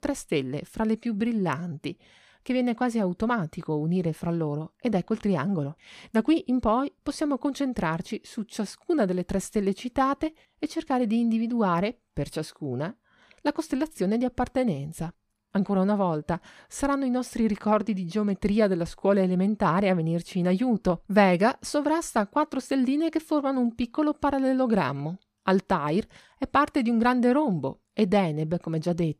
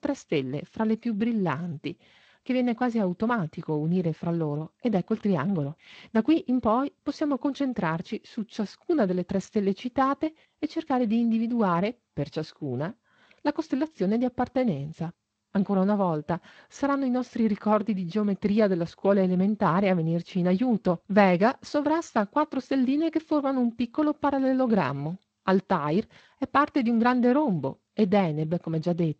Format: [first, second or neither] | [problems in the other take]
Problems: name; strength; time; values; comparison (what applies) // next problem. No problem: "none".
first | garbled, watery; slightly; nothing above 7.5 kHz